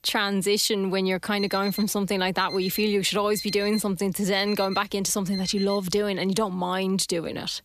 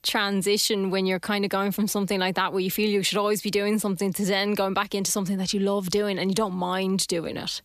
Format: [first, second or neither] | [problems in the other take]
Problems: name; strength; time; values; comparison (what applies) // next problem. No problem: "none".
second | alarm; noticeable; from 1.5 to 6 s; peak 9 dB below the speech